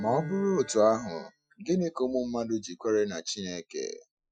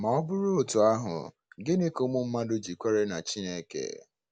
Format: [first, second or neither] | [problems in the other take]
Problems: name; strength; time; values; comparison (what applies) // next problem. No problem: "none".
second | noise reduction (classical method Wiener filter)